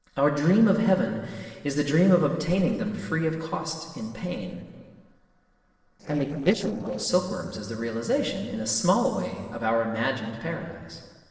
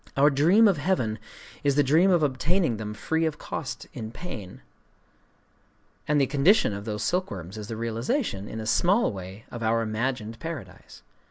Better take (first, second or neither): second